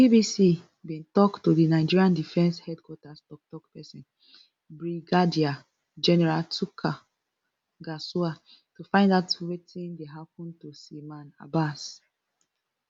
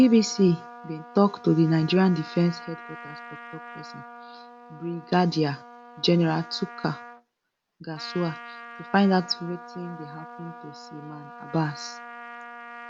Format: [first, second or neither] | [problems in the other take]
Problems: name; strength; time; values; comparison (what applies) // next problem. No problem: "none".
first | background sound (Trumpet); 16 dB below the speech